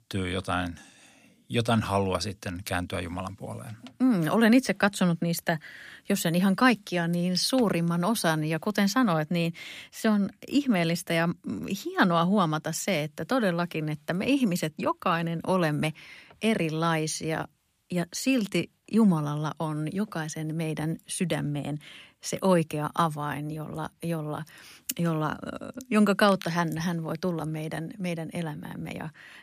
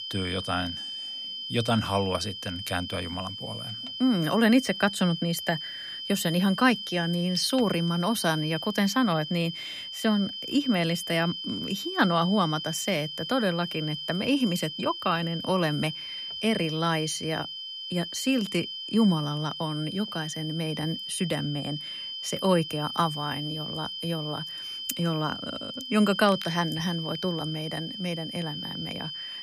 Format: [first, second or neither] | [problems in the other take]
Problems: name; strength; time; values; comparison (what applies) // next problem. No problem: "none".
first | high-pitched whine; loud; throughout; 3 kHz, 6 dB below the speech